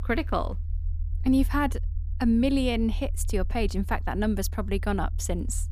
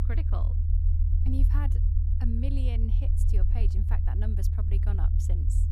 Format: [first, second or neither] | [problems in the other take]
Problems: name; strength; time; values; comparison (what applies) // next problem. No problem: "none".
first | low rumble; loud; throughout; 1 dB below the speech; faint in the first